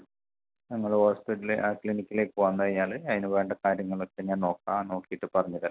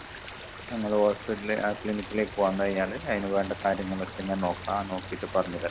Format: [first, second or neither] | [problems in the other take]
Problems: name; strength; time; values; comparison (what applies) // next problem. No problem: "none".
first | background sound (Stream); 12 dB below the speech